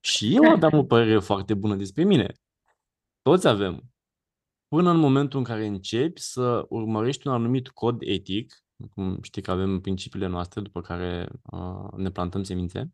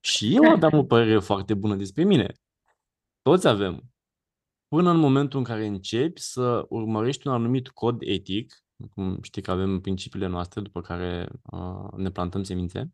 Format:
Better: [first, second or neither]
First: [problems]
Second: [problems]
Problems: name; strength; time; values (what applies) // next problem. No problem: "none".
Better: neither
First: none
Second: none